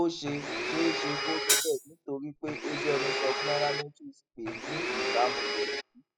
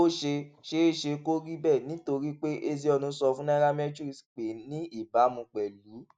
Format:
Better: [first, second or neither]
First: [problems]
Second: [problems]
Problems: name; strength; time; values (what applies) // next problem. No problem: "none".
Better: second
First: noise reduction (classical method spectral subtraction)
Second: none